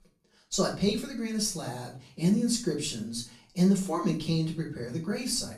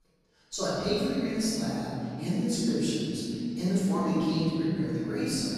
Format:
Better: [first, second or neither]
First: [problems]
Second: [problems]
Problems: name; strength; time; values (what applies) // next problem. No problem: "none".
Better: first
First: room echo; slight; dies away in 0.3 s // off-mic speech; far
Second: room echo; strong; dies away in 3 s // off-mic speech; far